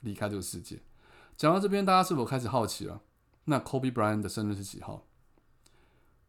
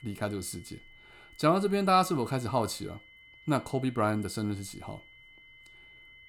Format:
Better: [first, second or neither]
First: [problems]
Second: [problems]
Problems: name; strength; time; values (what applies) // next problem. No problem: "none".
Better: first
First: none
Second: high-pitched whine; faint; throughout; 2 kHz, 25 dB below the speech